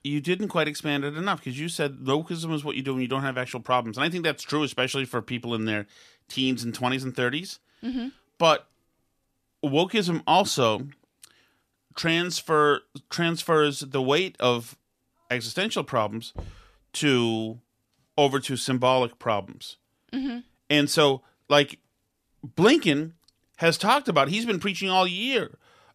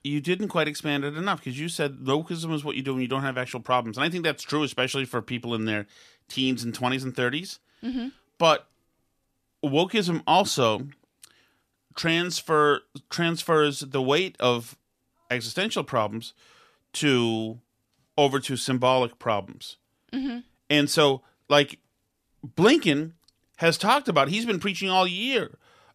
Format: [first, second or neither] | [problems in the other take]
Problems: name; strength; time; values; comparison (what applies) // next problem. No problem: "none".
second | door banging; faint; at 16 s; peak 15 dB below the speech